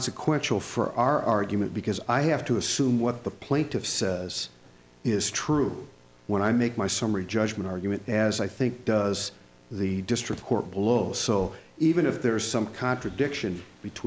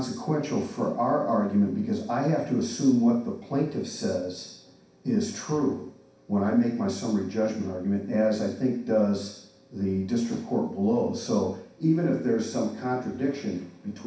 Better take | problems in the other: first | room echo; dies away in 0.6 s

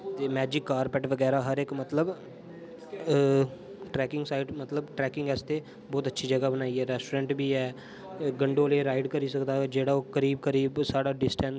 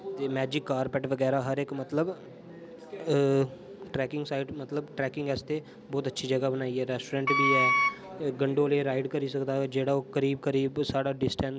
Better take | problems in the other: first | background sound (Wind instrument, woodwind instrument); 3 dB above the speech

